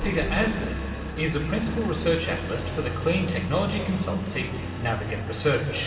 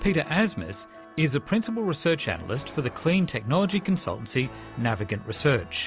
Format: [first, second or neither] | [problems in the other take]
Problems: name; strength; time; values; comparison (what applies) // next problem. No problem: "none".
second | background sound (Engine); 6 dB below the speech // room echo; dies away in 2.5 s